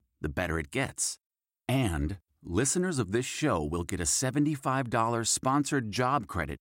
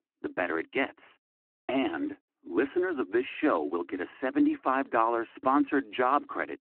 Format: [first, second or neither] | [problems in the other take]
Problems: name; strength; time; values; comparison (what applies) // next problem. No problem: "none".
first | phone-call audio